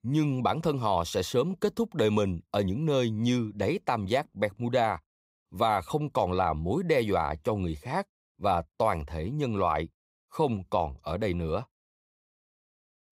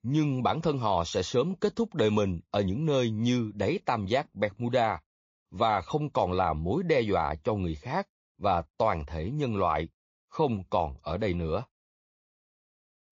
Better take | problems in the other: first | garbled, watery; slightly; nothing above 6 kHz

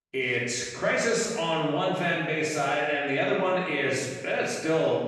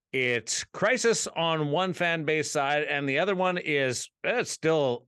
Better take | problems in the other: second | off-mic speech; far // room echo; noticeable; dies away in 1.2 s

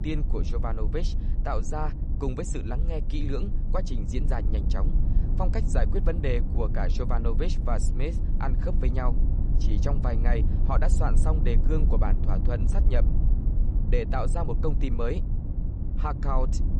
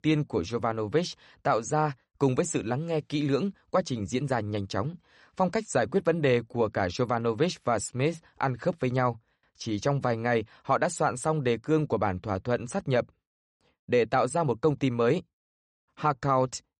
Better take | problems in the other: second | low rumble; loud; throughout; 8 dB below the speech

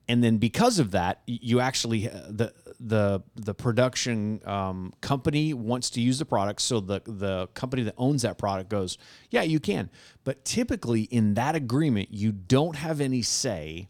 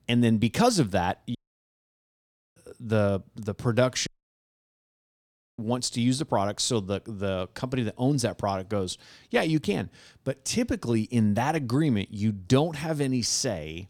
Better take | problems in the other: first | audio cutting out; at 1.5 s for 1 s and at 4 s for 1.5 s

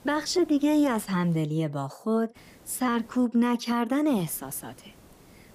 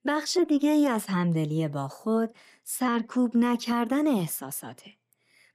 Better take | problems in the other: second | hiss; faint; until 1.5 s, at 2.5 s and from 4 s on; 25 dB below the speech

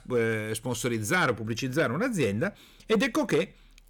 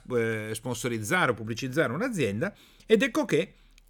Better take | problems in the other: second | distortion; slight; 10 dB below the speech

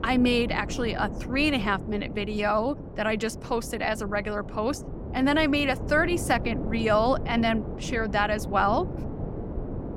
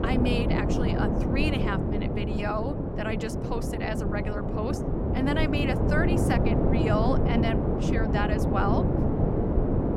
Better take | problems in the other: first | wind noise on the microphone; heavy; as loud as the speech; occasional gusts in the first

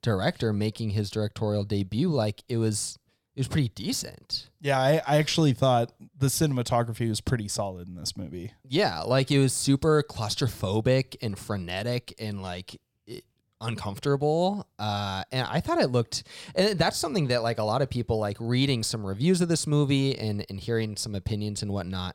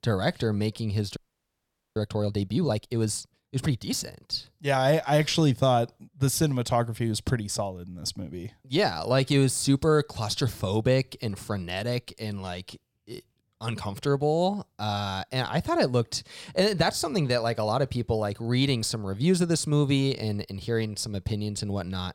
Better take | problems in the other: first | audio freezing; at 1 s for 1 s

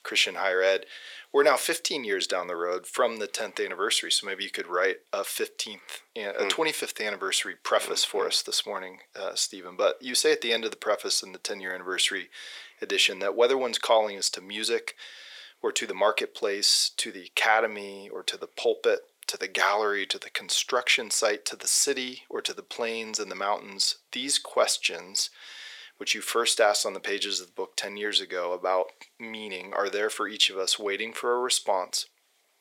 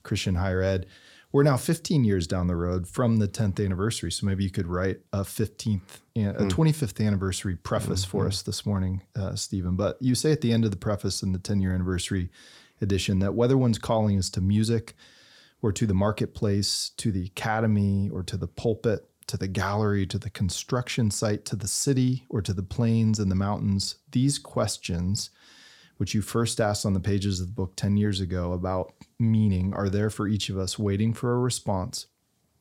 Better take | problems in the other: second | thin; very; fading below 450 Hz

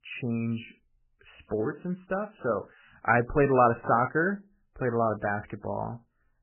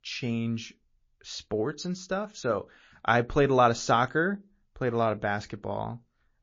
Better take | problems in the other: second | garbled, watery; badly; nothing above 2.5 kHz; slightly in the second

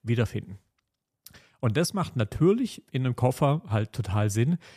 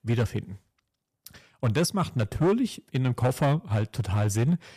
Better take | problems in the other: first | distortion; slight; 5% of the sound clipped

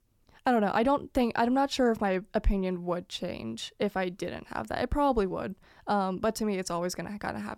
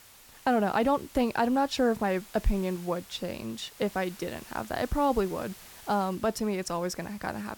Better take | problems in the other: first | hiss; noticeable; throughout; 20 dB below the speech

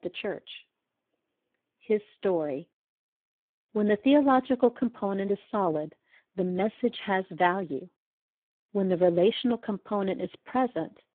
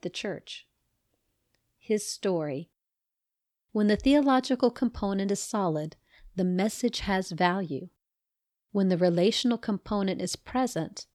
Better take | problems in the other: second | phone-call audio; poor line

